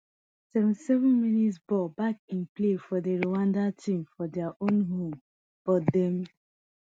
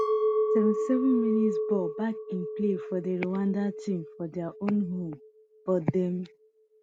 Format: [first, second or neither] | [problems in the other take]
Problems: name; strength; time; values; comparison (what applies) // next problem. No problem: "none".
first | background sound (Chink, clink); 3 dB below the speech